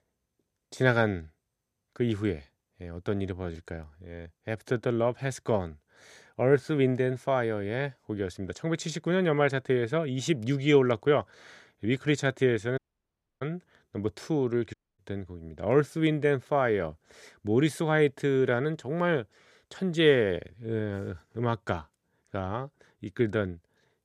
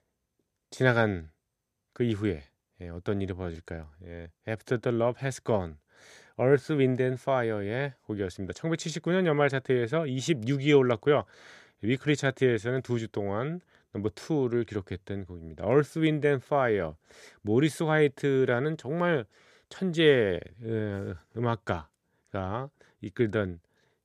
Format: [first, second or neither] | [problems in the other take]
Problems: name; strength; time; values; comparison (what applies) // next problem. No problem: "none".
second | audio cutting out; at 13 s for 0.5 s and at 15 s